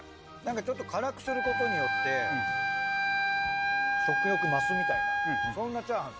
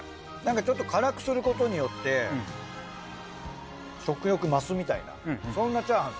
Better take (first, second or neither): second